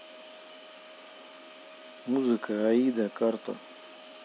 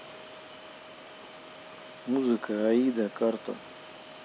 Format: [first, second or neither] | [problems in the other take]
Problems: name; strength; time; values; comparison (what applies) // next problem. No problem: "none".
first | background sound (Water); 20 dB below the speech